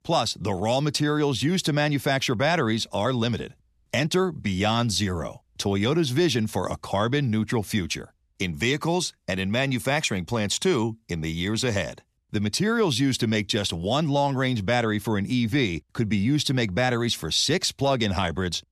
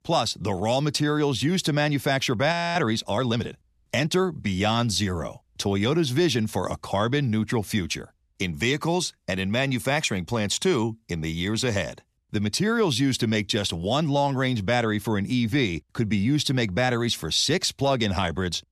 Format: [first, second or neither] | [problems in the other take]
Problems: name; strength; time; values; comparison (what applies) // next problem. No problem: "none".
first | audio freezing; at 2.5 s